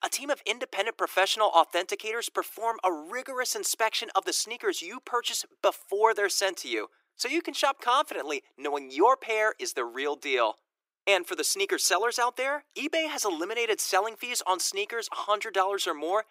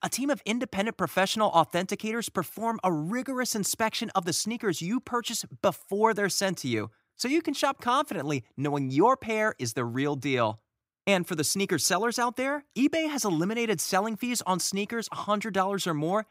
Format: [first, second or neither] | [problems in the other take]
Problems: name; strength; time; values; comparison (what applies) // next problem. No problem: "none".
second | thin; very; fading below 350 Hz